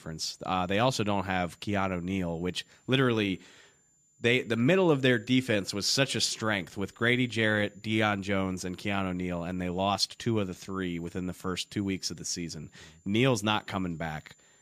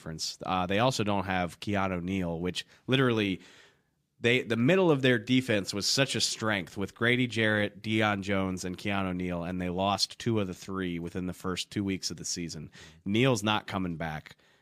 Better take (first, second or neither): second